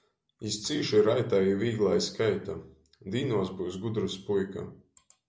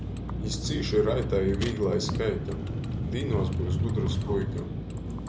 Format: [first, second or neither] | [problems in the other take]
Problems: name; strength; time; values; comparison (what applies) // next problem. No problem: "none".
first | background sound (Vehicle); 1 dB above the speech